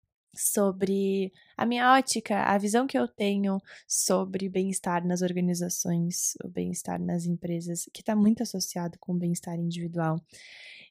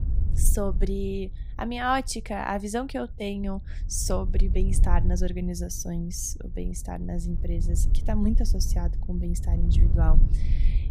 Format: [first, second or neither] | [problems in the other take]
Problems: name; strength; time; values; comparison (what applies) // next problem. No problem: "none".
first | wind noise on the microphone; occasional gusts; 15 dB below the speech